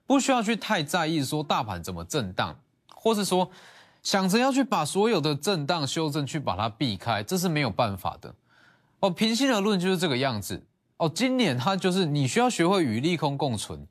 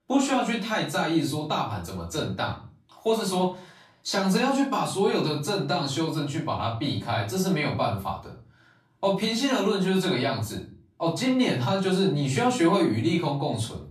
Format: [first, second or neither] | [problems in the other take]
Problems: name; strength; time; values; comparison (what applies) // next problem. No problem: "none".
first | off-mic speech; far // room echo; slight; dies away in 0.3 s